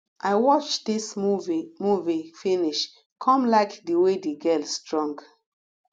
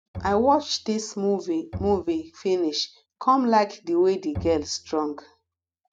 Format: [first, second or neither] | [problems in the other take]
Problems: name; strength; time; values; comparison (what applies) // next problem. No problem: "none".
first | noise reduction (neural mask model RNNoise)